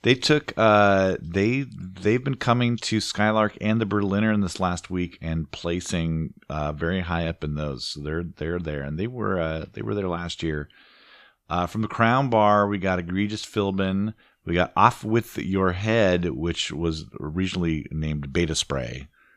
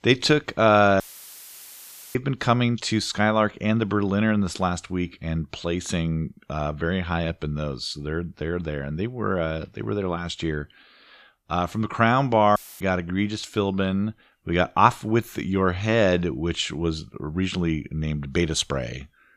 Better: first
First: none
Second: audio cutting out; filled with static; at 1 s for 1 s and at 13 s

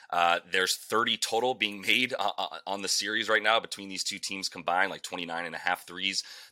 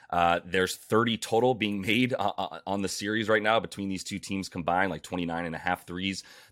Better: second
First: thin; somewhat; fading below 1 kHz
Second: none

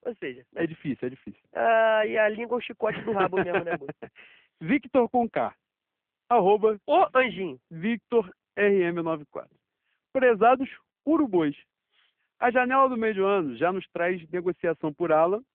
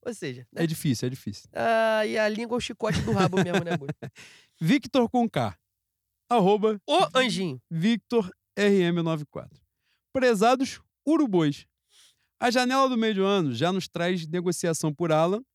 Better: second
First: phone-call audio; poor line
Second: none

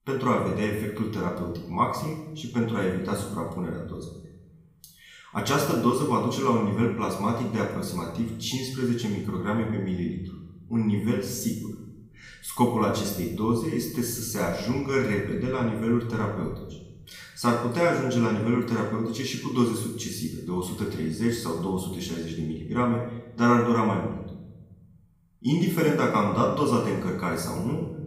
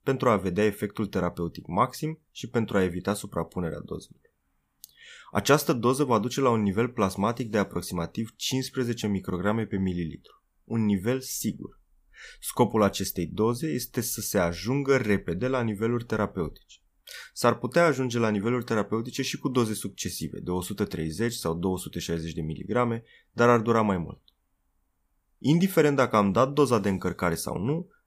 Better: second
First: room echo; noticeable; dies away in 0.9 s // off-mic speech; far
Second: none

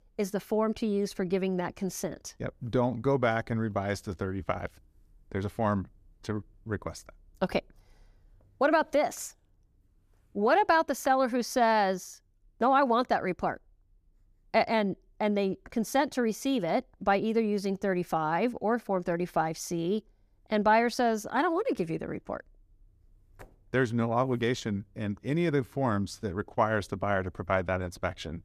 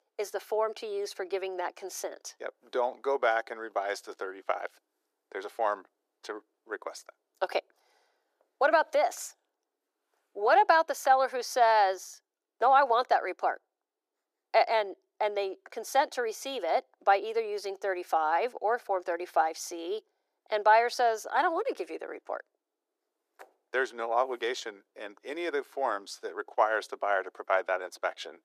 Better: first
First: none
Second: thin; very; fading below 350 Hz

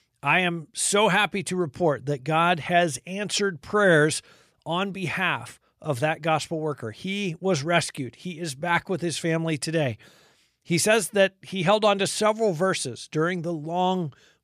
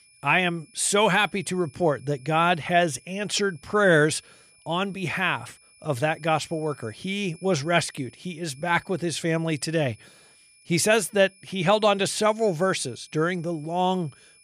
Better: first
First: none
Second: high-pitched whine; faint; throughout; 2.5 kHz, 30 dB below the speech

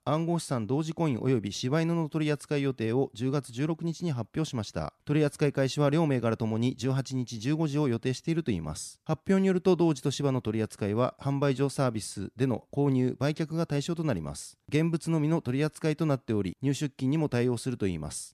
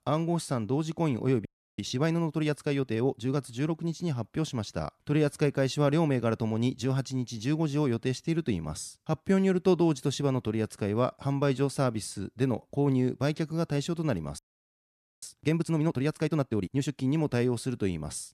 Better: first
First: none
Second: audio freezing; at 1.5 s and at 14 s for 1 s

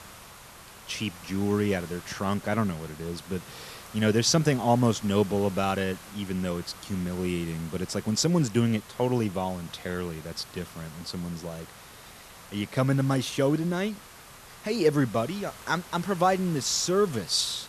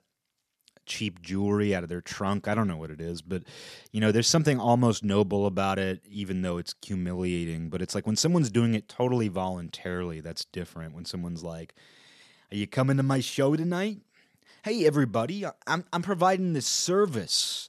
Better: second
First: hiss; noticeable; throughout; 15 dB below the speech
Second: none

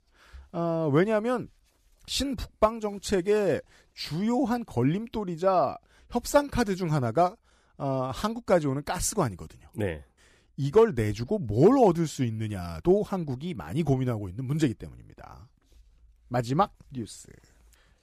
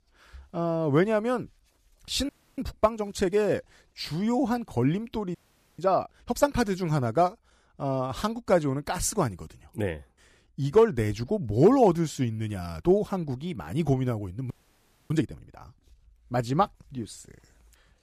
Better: first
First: none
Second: audio freezing; at 2.5 s, at 5.5 s and at 15 s for 0.5 s

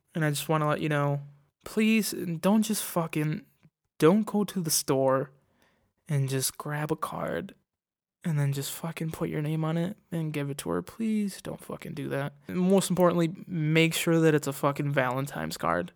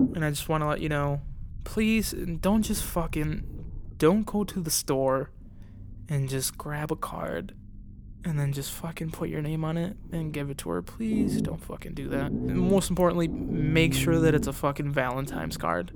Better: first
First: none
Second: low rumble; loud; throughout; 9 dB below the speech

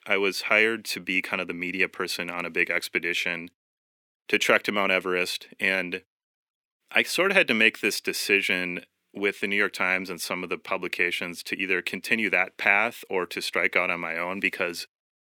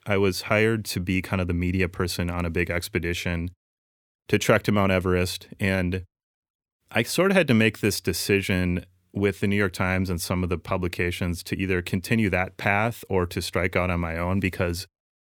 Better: second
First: thin; somewhat; fading below 250 Hz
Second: none

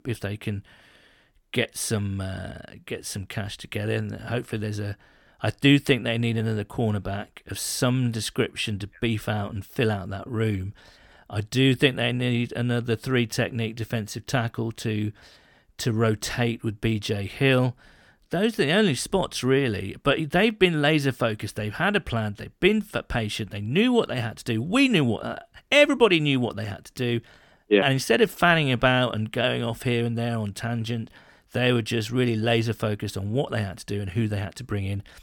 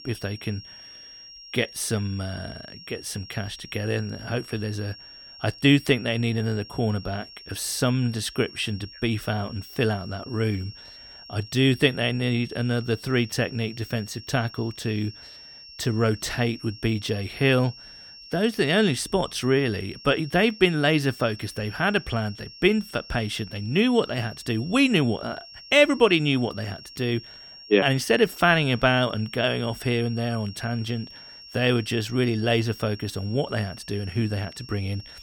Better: first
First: none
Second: high-pitched whine; noticeable; throughout; 5.5 kHz, 15 dB below the speech

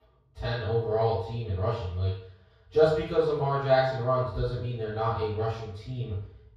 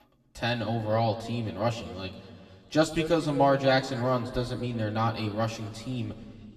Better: second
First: room echo; strong; dies away in 0.7 s // off-mic speech; far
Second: room echo; slight; dies away in 1.5 s // off-mic speech; somewhat distant

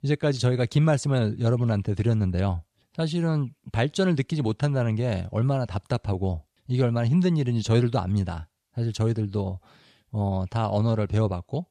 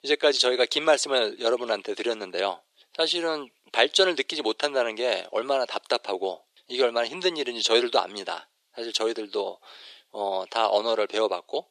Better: first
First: none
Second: thin; very; fading below 400 Hz

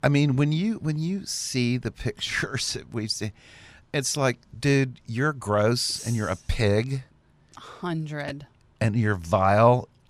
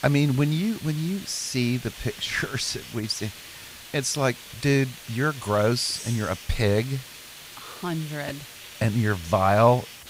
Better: first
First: none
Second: hiss; noticeable; throughout; 15 dB below the speech

